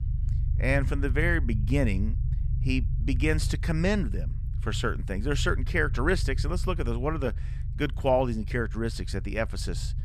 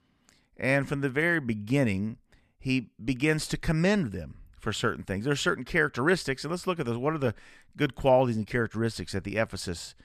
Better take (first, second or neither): second